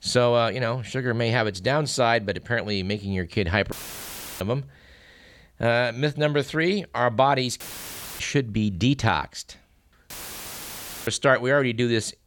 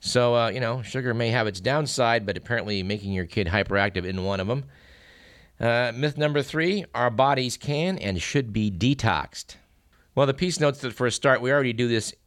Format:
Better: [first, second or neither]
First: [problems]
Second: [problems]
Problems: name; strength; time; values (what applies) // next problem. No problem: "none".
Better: second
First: audio cutting out; filled with static; at 3.5 s for 0.5 s, at 7.5 s for 0.5 s and at 10 s for 1 s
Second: none